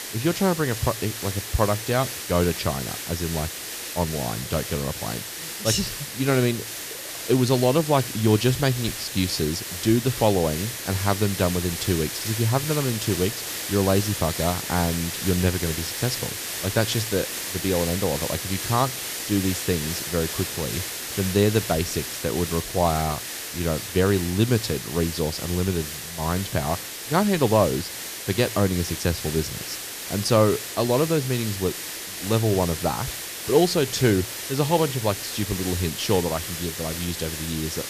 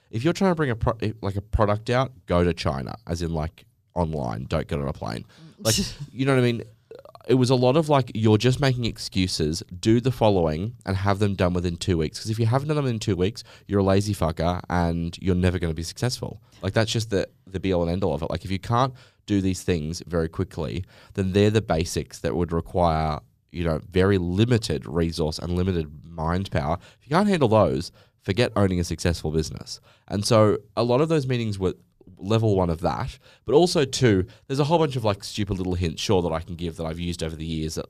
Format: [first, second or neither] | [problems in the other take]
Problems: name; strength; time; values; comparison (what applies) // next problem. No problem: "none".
second | hiss; loud; throughout; 5 dB below the speech